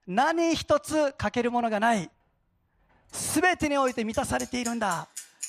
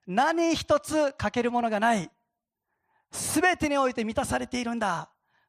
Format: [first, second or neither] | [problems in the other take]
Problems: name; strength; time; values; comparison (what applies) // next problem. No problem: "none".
second | traffic noise; noticeable; throughout; 15 dB below the speech